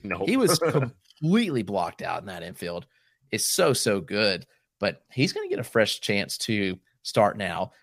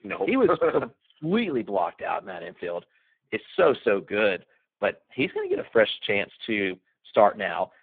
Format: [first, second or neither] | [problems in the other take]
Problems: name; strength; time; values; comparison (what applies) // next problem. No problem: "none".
first | phone-call audio; poor line; nothing above 3.5 kHz